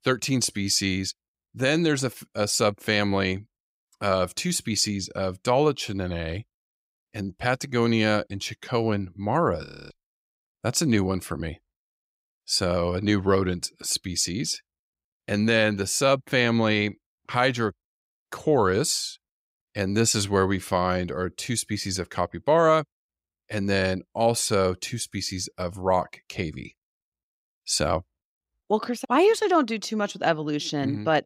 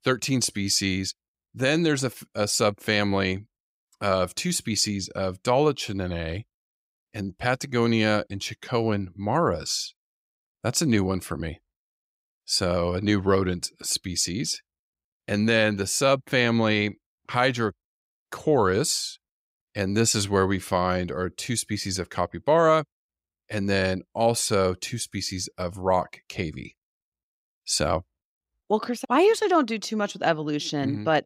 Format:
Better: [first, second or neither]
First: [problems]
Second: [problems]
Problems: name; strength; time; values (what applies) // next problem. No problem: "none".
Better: second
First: audio freezing; at 9.5 s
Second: none